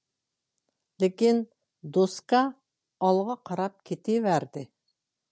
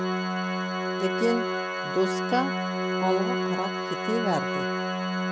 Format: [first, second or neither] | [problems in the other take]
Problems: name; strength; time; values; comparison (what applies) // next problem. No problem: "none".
first | background sound (Organ); 3 dB above the speech